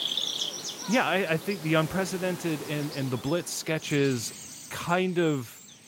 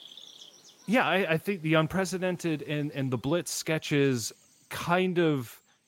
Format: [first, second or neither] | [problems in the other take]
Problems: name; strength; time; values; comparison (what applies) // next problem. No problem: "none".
second | animal sounds; loud; throughout; 8 dB below the speech; faint in the second